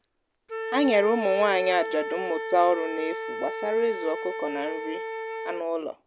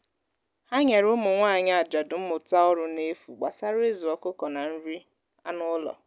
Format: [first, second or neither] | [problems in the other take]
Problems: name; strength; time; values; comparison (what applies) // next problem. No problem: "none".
second | background sound (Wind instrument, woodwind instrument); 7 dB below the speech